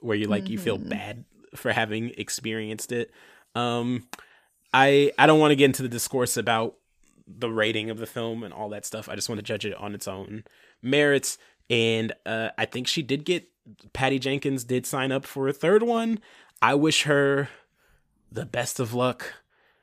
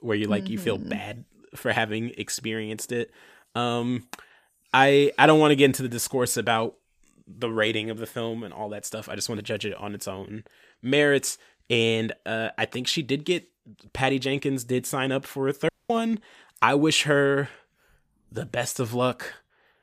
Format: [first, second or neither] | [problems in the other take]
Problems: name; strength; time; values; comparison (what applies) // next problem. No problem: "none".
first | audio cutting out; at 16 s